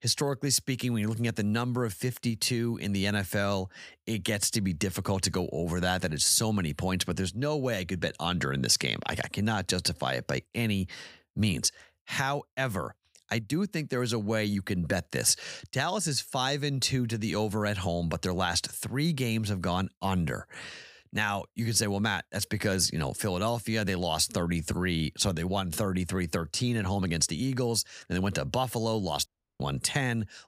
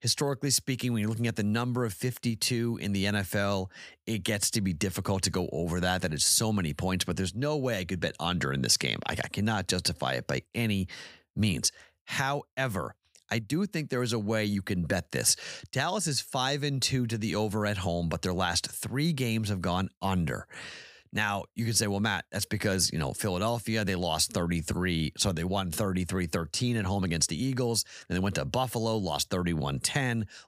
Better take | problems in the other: second | audio cutting out; at 29 s

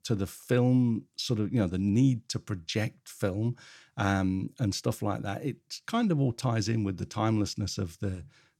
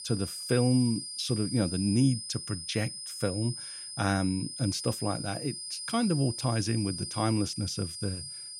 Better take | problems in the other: first | high-pitched whine; loud; throughout; 5 kHz, 7 dB below the speech

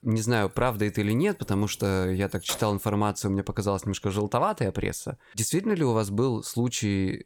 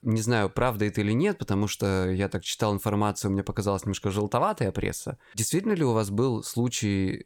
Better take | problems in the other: second | jangling keys; noticeable; until 2.5 s; peak 8 dB below the speech

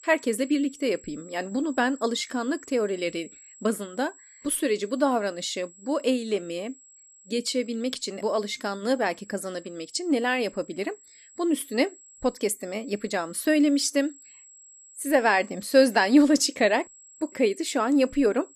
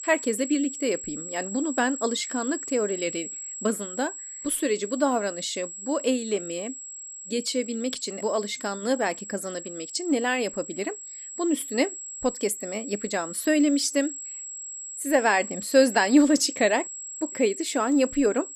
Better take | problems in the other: first | high-pitched whine; loud; throughout; 7.5 kHz, 9 dB below the speech; faint in the first

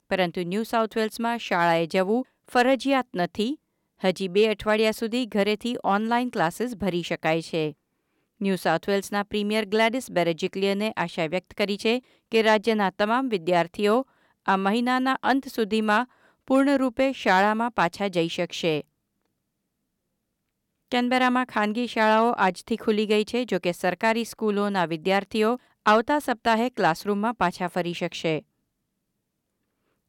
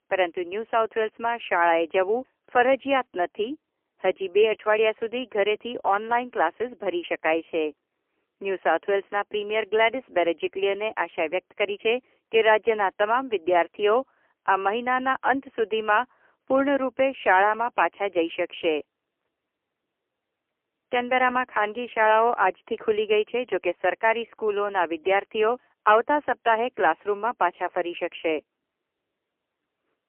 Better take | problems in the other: first | phone-call audio; poor line; nothing above 3 kHz

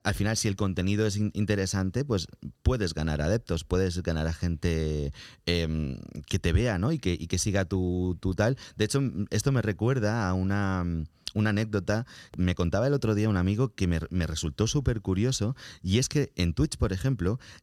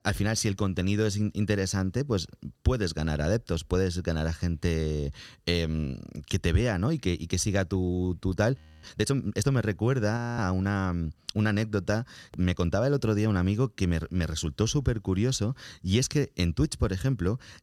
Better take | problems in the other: first | audio freezing; at 8.5 s and at 10 s

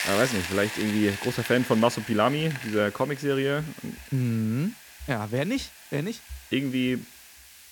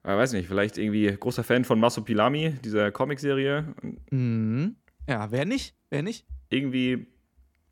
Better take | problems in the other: second | hiss; noticeable; throughout; 10 dB below the speech

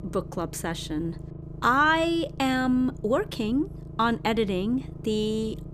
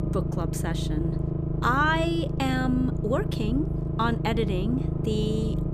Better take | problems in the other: first | low rumble; loud; throughout; 8 dB below the speech; faint in the first

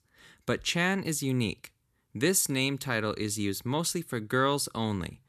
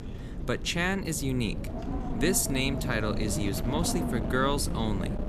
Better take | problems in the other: first | wind noise on the microphone; heavy; 8 dB below the speech

